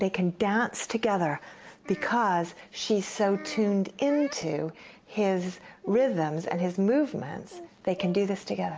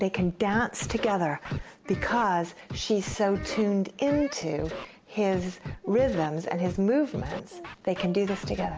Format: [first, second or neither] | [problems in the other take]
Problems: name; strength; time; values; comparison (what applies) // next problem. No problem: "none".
first | background sound (Scratching (performance technique)); 12 dB below the speech